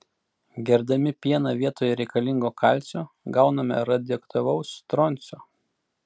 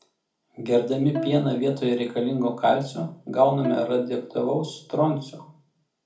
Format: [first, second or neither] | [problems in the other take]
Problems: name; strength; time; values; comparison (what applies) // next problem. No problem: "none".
first | background sound (Bowed string instrument); 12 dB below the speech // room echo; dies away in 0.4 s